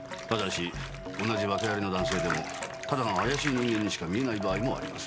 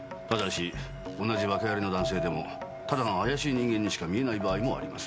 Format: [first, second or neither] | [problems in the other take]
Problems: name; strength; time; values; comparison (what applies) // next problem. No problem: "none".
second | background sound (Bathtub (filling or washing)); 10 dB below the speech